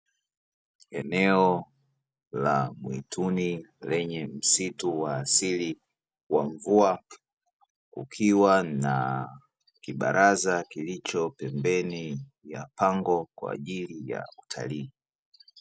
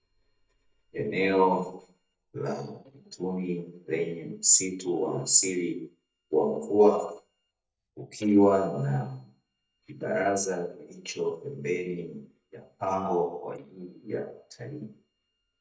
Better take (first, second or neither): first